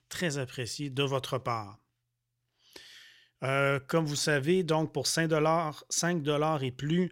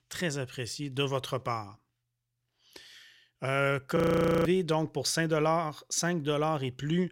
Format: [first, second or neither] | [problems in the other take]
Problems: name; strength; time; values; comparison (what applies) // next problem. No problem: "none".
first | audio freezing; at 4 s